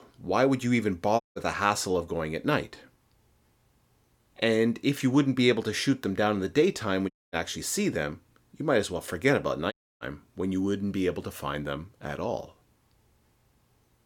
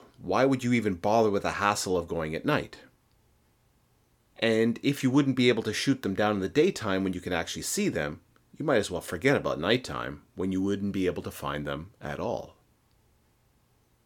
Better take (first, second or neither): second